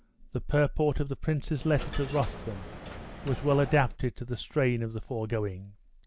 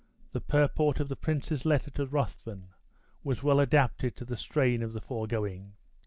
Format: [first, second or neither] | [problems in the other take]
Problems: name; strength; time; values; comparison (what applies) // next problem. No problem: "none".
second | background sound (Coin (dropping)); 12 dB below the speech